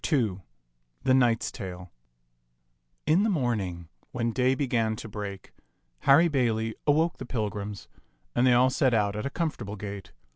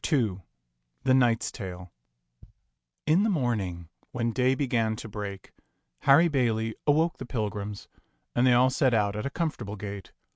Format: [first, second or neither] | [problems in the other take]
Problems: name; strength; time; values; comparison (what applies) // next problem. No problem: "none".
first | noise reduction (neural mask model RNNoise)